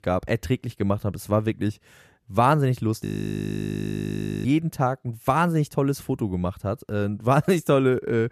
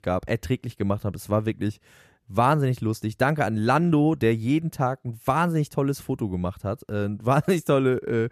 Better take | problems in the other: second | audio freezing; at 3 s for 1.5 s

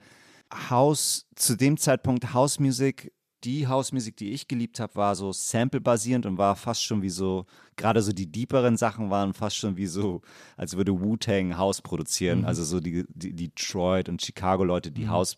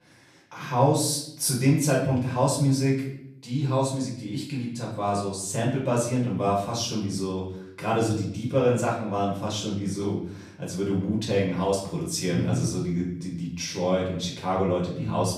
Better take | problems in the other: first | room echo; noticeable; dies away in 0.6 s // off-mic speech; far

